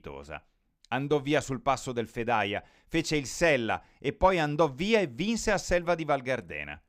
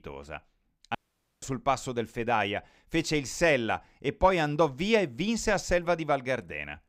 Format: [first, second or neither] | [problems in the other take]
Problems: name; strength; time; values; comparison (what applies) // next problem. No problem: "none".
first | audio cutting out; at 1 s